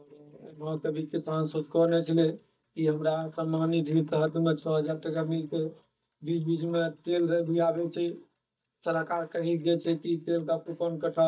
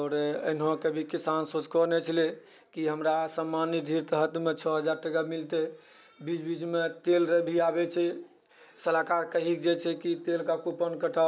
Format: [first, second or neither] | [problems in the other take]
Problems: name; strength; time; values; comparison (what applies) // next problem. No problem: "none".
second | noise reduction (neural mask model DeepFilterNet 3)